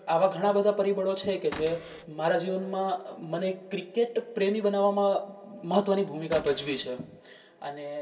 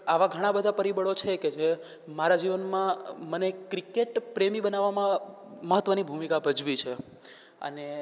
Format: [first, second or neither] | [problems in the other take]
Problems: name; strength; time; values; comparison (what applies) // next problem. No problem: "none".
second | background sound (Cupboard open or close / Door); 14 dB below the speech // room echo; dies away in 0.2 s